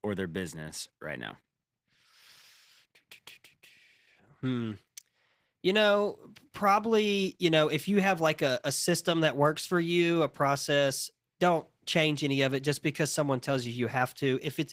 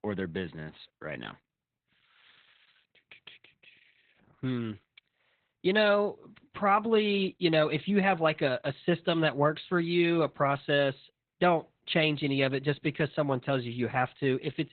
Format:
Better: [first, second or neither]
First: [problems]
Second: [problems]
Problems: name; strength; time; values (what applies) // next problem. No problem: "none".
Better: first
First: garbled, watery; slightly; nothing above 15.5 kHz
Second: garbled, watery; badly; nothing above 4 kHz